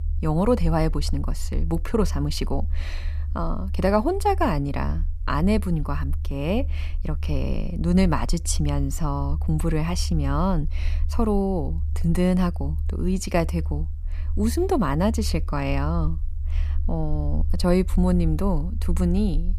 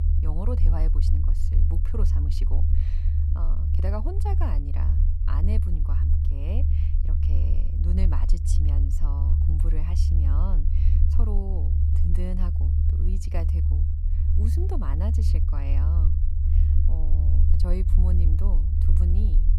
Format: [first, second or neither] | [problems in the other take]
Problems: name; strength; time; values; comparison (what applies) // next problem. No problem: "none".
first | low rumble; loud; throughout; as loud as the speech; faint in the first